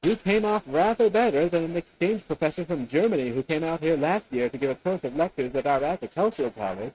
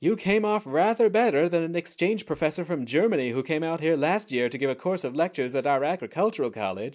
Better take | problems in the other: second | noise reduction (neural mask model RNNoise)

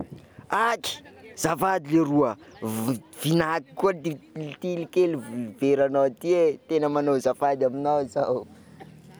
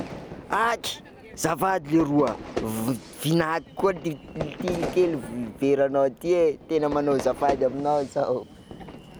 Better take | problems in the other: first | background sound (Fire / Fireworks); 12 dB below the speech

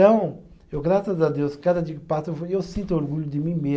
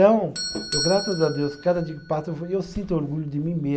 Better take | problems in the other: first | background sound (Doorbell); 11 dB below the speech

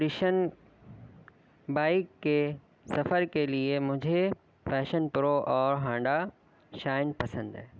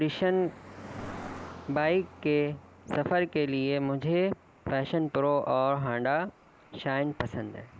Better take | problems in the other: first | background sound (Cricket); 19 dB below the speech

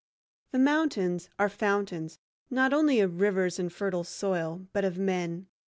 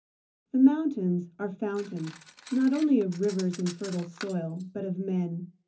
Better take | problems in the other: first | background sound (Cutlery, silverware); 20 dB below the speech // room echo; dies away in 0.3 s

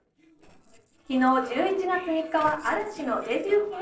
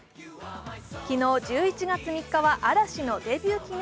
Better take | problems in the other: second | noise reduction (neural separator model SepFormer DNS4)

